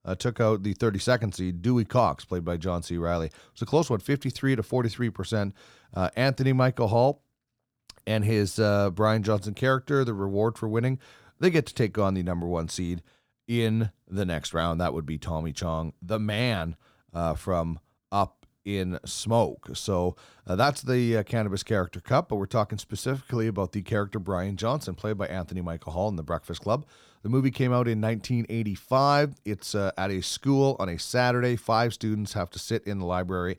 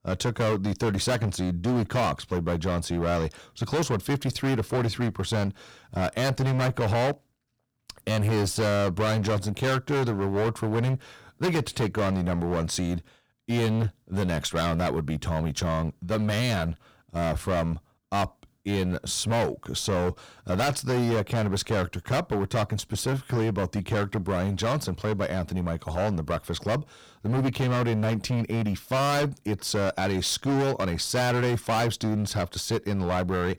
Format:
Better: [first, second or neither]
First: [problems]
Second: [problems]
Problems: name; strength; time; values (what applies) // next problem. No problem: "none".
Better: first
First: none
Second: distortion; heavy; 20% of the sound clipped